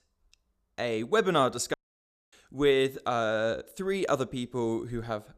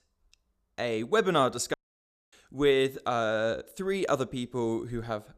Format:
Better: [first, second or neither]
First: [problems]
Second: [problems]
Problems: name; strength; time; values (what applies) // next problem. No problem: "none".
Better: neither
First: audio cutting out; at 1.5 s for 0.5 s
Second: audio cutting out; at 1.5 s for 0.5 s